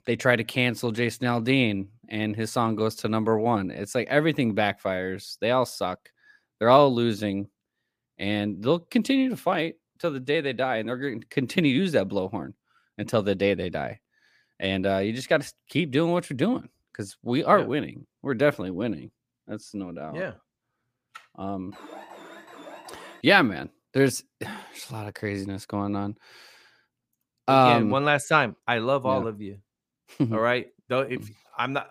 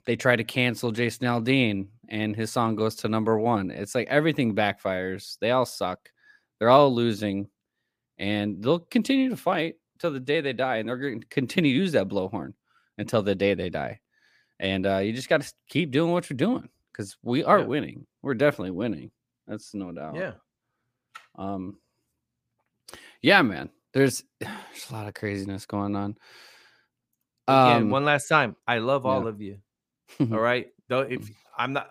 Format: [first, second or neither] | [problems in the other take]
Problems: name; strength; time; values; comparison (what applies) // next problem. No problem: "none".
second | alarm; faint; from 22 to 23 s; peak 20 dB below the speech